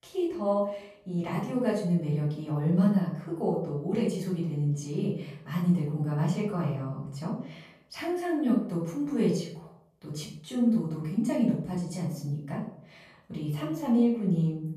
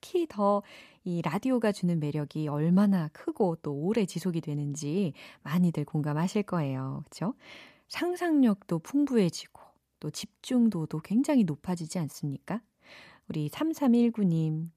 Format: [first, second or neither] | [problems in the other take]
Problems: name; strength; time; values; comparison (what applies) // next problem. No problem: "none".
second | off-mic speech; far // room echo; noticeable; dies away in 0.6 s